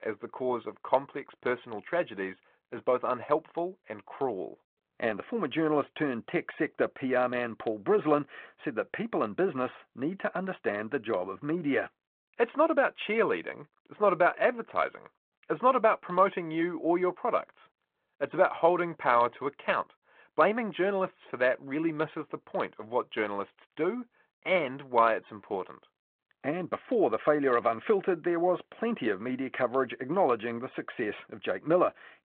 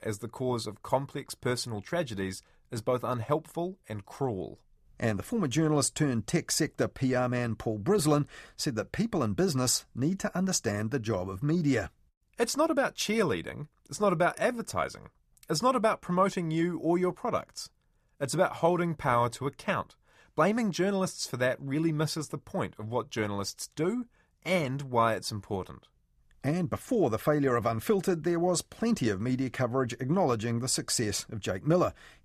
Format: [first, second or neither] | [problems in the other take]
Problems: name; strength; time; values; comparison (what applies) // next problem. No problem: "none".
second | phone-call audio; nothing above 3.5 kHz